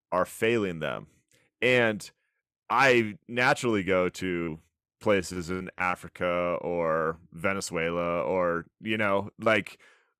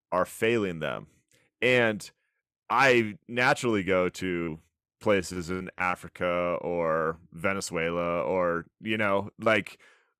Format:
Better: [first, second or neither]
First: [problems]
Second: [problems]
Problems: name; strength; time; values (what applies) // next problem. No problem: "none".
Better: neither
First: none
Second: none